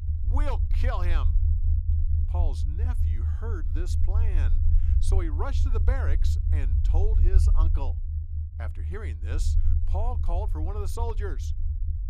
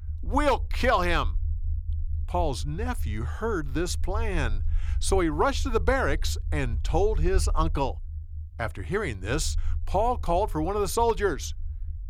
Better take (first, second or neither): second